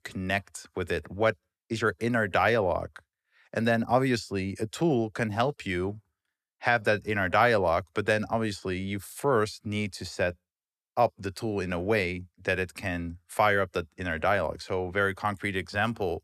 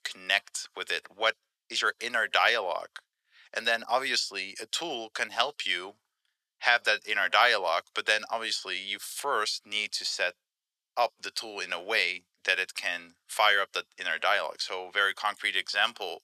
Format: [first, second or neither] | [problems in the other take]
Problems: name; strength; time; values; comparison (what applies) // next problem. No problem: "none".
first | thin; very; fading below 750 Hz